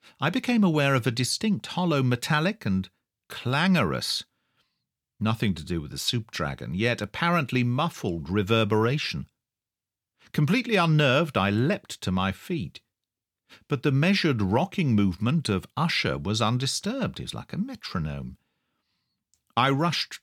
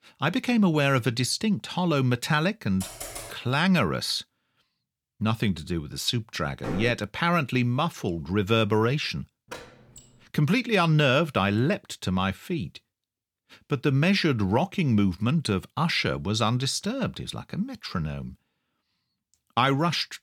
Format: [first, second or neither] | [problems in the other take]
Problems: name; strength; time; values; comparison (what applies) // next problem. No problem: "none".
first | keyboard typing; faint; at 3 s; peak 10 dB below the speech // door banging; noticeable; at 6.5 s; peak 9 dB below the speech // door banging; faint; at 9.5 s; peak 15 dB below the speech